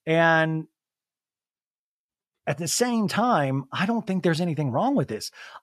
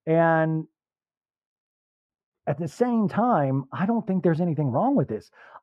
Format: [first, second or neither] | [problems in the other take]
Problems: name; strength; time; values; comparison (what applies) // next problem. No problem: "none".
first | muffled; very; fading above 2 kHz